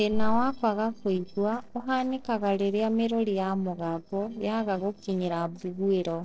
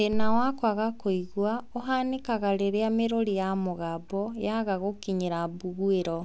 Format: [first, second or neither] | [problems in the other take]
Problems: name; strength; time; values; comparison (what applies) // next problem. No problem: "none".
second | noise reduction (neural separator model SepFormer DNS4)